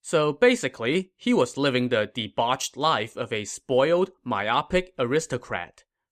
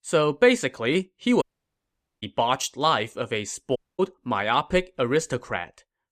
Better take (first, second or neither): first